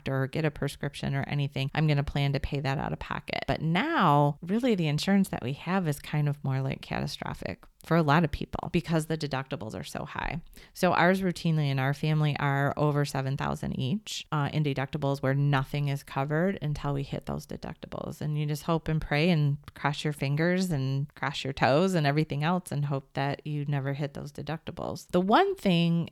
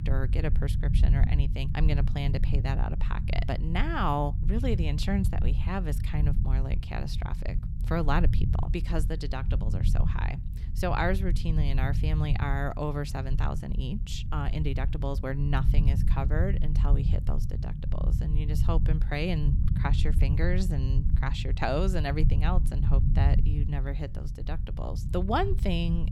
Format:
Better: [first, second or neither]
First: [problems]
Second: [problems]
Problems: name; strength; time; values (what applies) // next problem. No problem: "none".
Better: first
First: none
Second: low rumble; loud; throughout; 10 dB below the speech